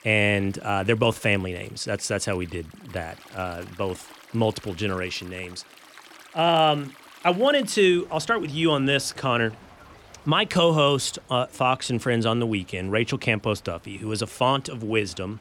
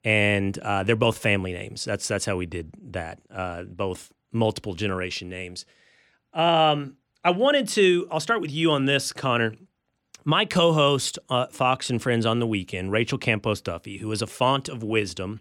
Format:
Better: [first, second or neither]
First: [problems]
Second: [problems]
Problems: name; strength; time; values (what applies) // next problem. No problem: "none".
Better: second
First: rain or running water; faint; throughout; 25 dB below the speech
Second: none